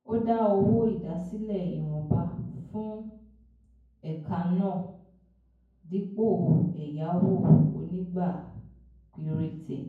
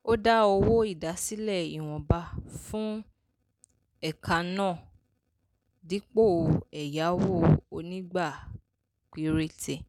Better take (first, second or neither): second